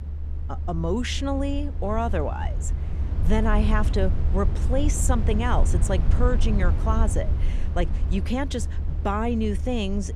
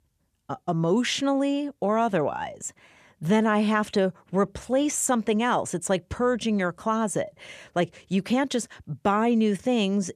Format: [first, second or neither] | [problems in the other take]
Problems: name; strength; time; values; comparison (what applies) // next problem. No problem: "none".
second | low rumble; noticeable; throughout; 10 dB below the speech